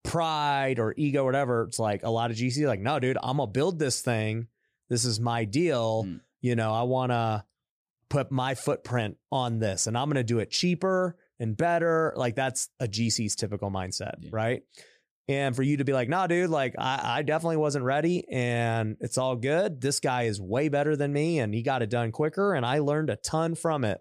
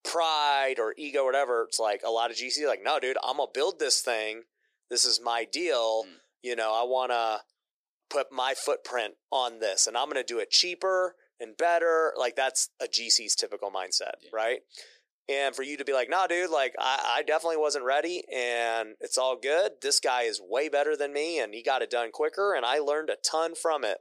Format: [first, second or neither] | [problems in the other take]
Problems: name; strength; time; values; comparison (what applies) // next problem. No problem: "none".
first | thin; very; fading below 400 Hz